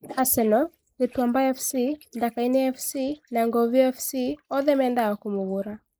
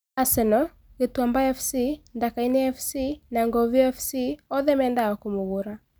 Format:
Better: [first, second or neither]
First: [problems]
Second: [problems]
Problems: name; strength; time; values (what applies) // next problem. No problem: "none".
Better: second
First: noise reduction (neural mask model Resemble Enhance denoiser)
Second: none